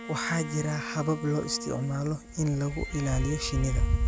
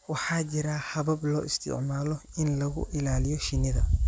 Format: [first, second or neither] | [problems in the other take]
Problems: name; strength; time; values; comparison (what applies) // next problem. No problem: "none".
second | background sound (Bowed string instrument); 13 dB below the speech